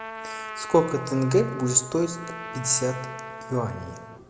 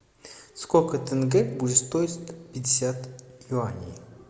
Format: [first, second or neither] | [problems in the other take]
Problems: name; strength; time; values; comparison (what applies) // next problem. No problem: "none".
second | background sound (Trumpet); 12 dB below the speech